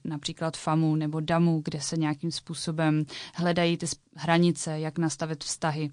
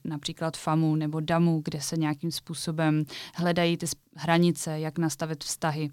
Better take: second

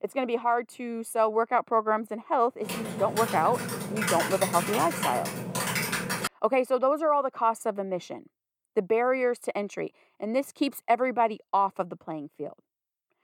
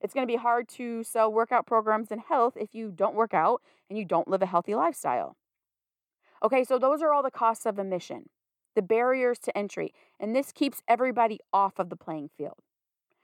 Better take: second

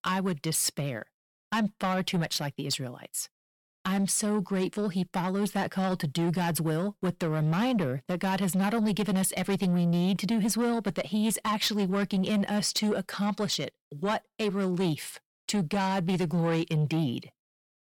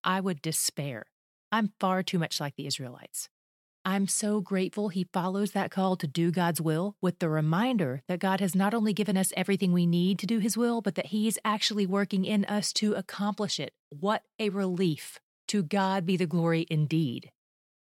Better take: second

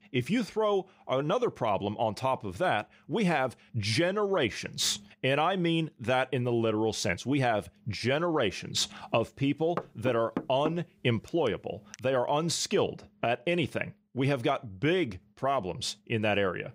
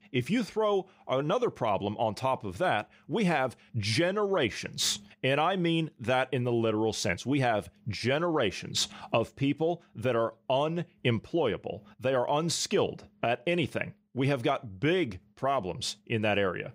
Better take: second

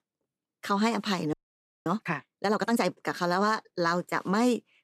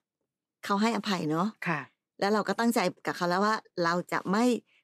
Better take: second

